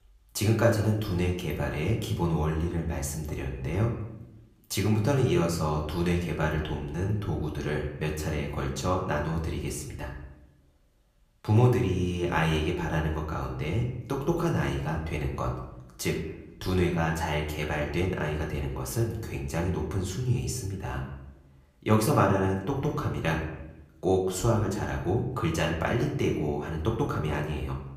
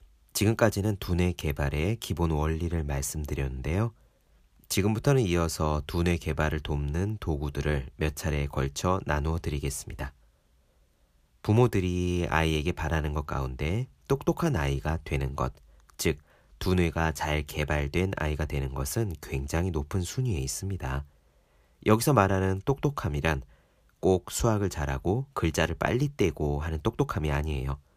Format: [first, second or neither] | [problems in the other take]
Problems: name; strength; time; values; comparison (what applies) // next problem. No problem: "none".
second | room echo; slight; dies away in 0.7 s // off-mic speech; somewhat distant